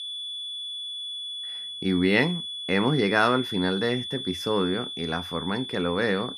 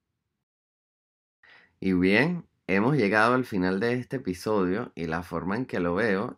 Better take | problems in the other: second | high-pitched whine; loud; throughout; 3.5 kHz, 7 dB below the speech

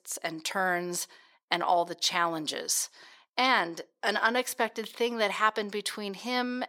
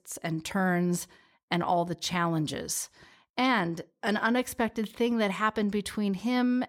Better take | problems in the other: second | thin; somewhat; fading below 450 Hz

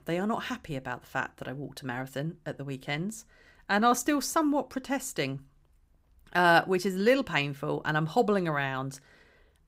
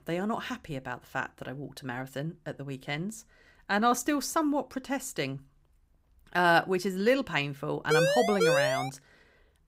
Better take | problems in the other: first | siren; loud; at 8 s; peak 5 dB above the speech

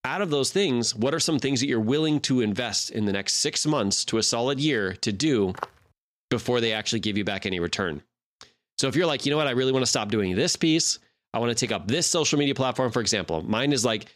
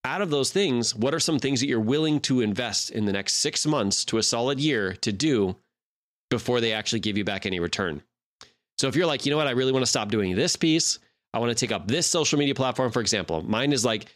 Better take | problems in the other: second | footsteps; faint; at 5.5 s; peak 15 dB below the speech

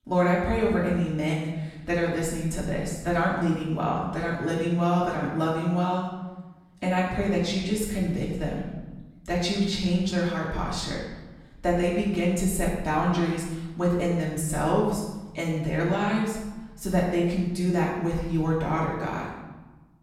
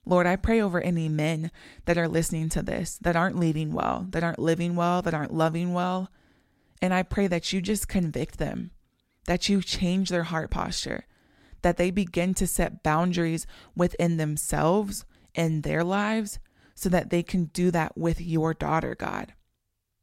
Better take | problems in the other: second | off-mic speech; far // room echo; noticeable; dies away in 1 s

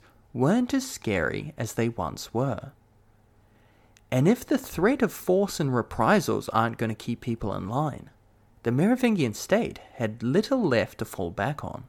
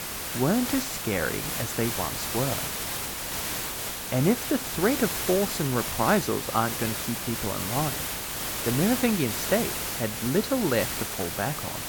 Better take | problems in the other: first | hiss; loud; throughout; 2 dB below the speech

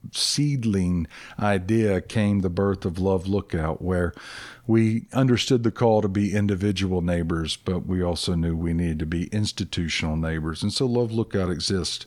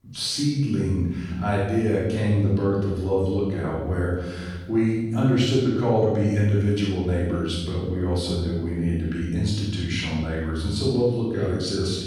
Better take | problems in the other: first | off-mic speech; far // room echo; strong; dies away in 1.2 s

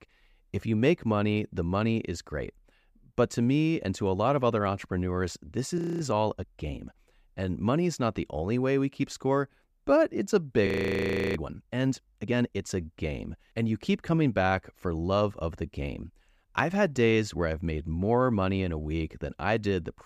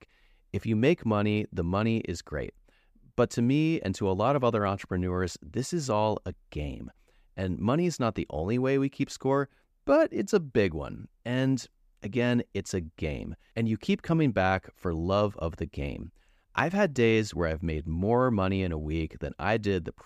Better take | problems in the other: second | audio freezing; at 6 s and at 11 s for 0.5 s

